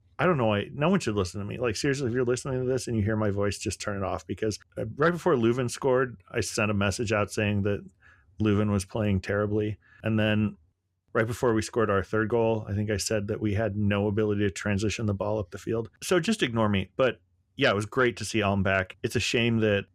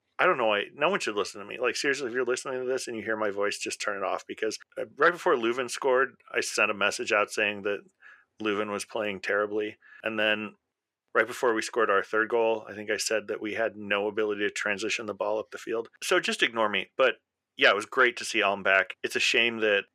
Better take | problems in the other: first | thin; very; fading below 450 Hz

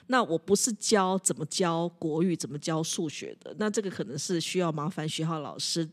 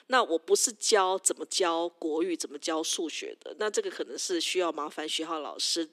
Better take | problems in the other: first | thin; very; fading below 300 Hz

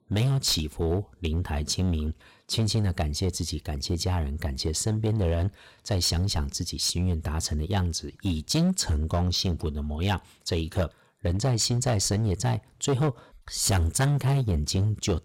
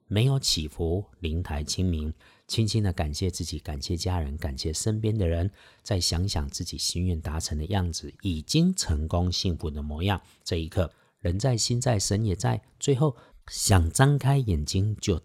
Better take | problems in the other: second | distortion; slight; 9% of the sound clipped

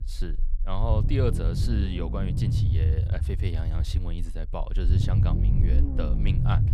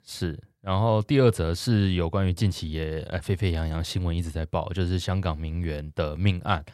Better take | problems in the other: second | low rumble; loud; throughout; 3 dB below the speech

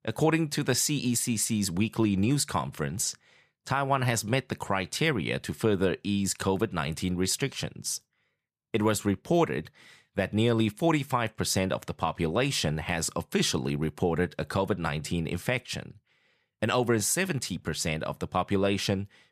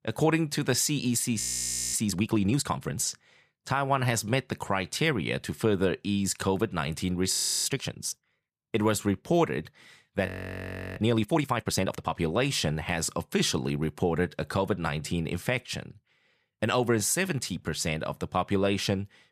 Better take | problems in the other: first | audio freezing; at 1.5 s for 0.5 s, at 7.5 s and at 10 s for 0.5 s

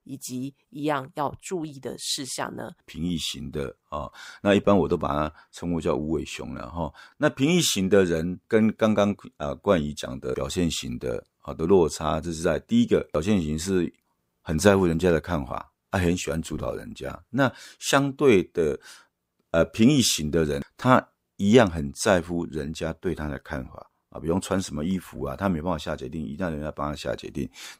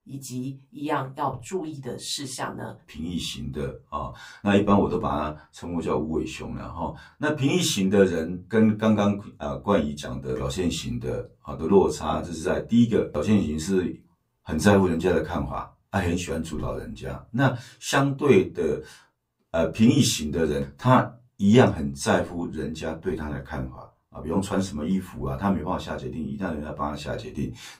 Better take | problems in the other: first | off-mic speech; far // room echo; very slight; dies away in 0.2 s

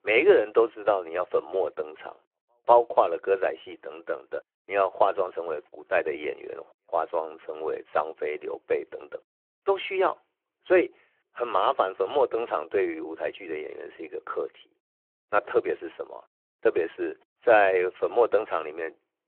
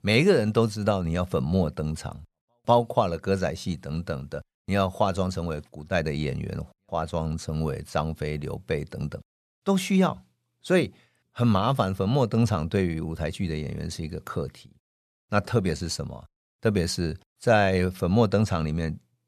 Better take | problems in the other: second | phone-call audio

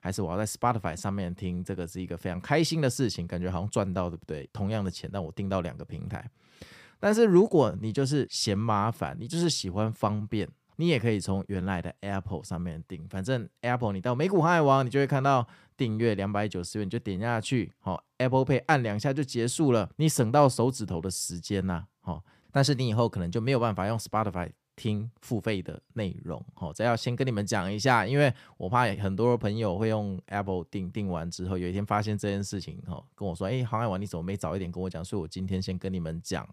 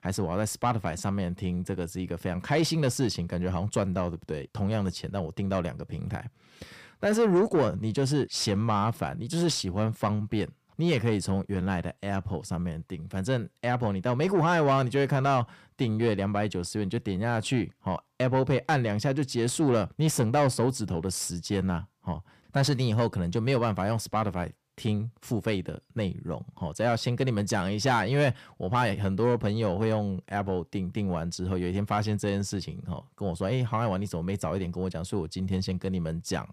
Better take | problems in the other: first | distortion; slight; 10 dB below the speech

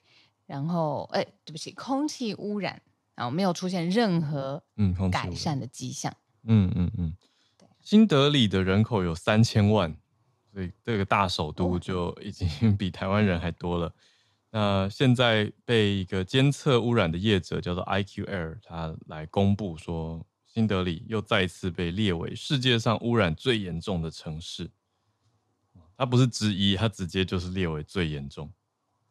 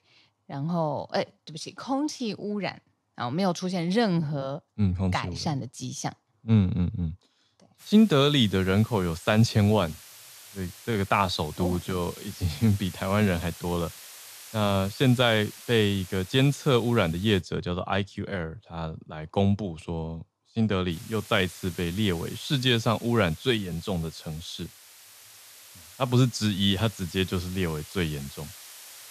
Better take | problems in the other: first | hiss; noticeable; from 8 to 17 s and from 21 s on; 20 dB below the speech

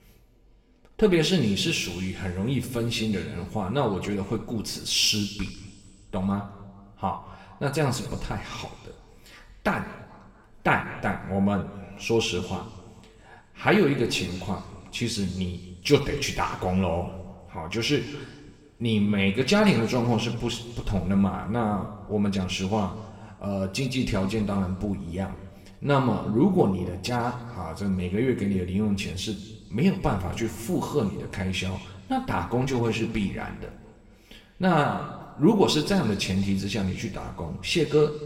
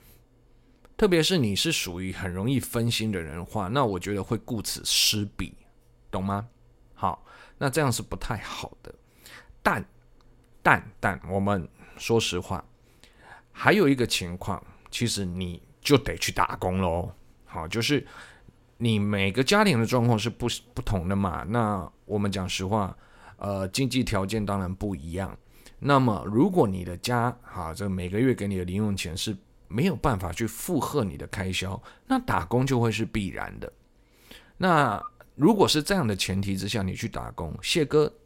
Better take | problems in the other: second | room echo; slight; dies away in 1.7 s // off-mic speech; somewhat distant

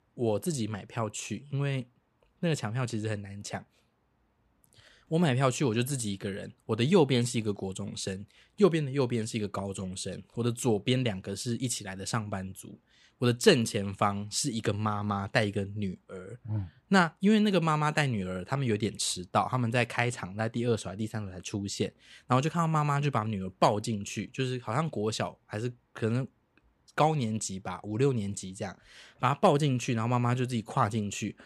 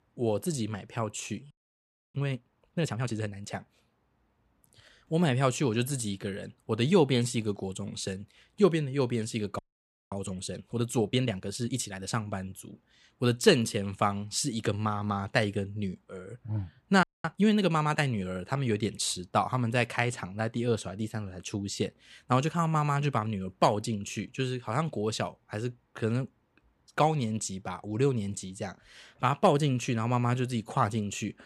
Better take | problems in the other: first | audio freezing; at 1.5 s for 0.5 s, at 9.5 s for 0.5 s and at 17 s

